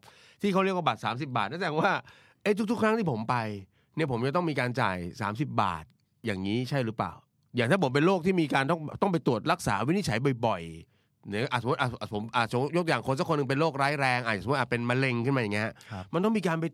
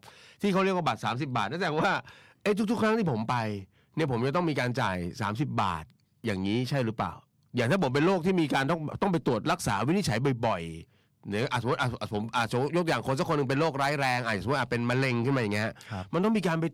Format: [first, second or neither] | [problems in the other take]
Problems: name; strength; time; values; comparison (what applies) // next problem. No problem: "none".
first | distortion; slight; 10 dB below the speech